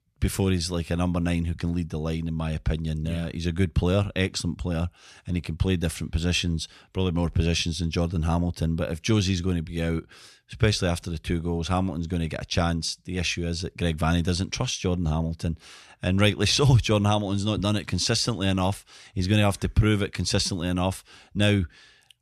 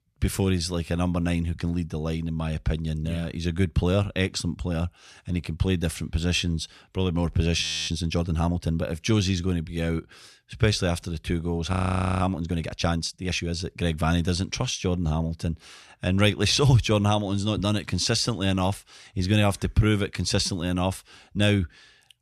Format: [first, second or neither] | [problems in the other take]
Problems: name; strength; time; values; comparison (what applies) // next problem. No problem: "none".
first | audio freezing; at 7.5 s and at 12 s